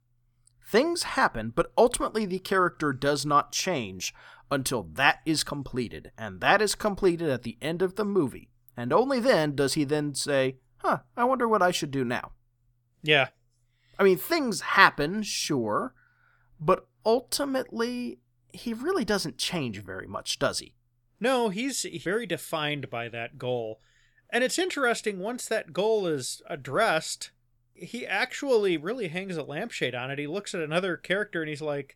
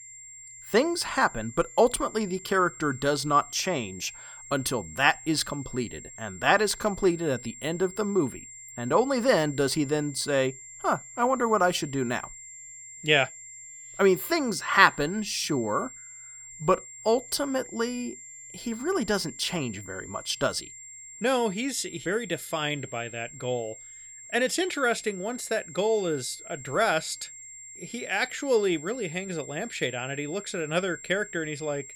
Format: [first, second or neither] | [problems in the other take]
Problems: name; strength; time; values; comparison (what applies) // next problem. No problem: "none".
first | high-pitched whine; noticeable; throughout; 7.5 kHz, 15 dB below the speech